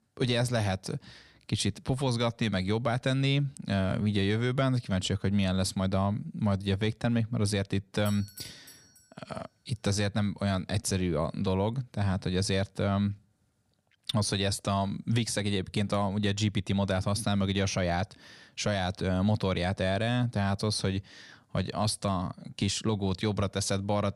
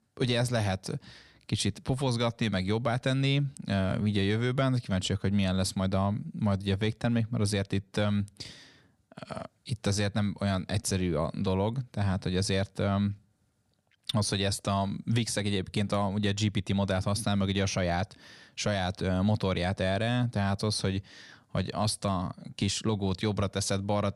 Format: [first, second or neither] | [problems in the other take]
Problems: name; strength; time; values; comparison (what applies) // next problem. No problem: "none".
second | doorbell; faint; at 8 s; peak 15 dB below the speech